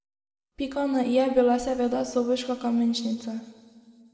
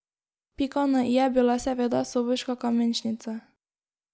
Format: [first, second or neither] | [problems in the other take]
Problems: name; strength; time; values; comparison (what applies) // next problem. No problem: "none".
second | room echo; dies away in 1.7 s